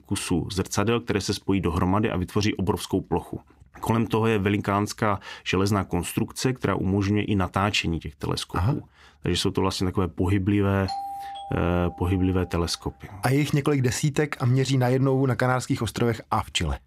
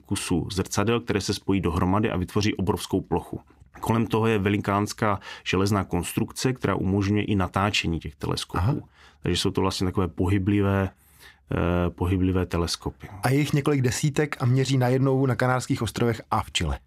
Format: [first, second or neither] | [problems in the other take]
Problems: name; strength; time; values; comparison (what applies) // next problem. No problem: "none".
second | doorbell; noticeable; from 11 to 13 s; peak 8 dB below the speech